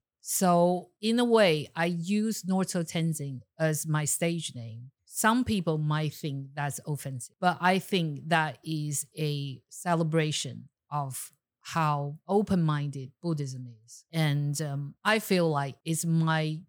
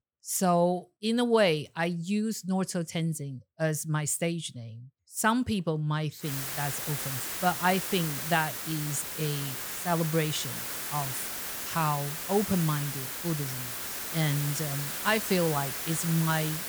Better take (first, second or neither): first